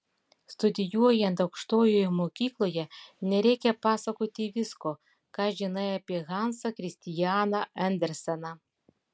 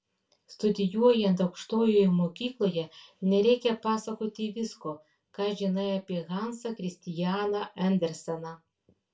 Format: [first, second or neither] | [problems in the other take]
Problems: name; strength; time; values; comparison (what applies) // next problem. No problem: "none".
first | room echo; dies away in 0.2 s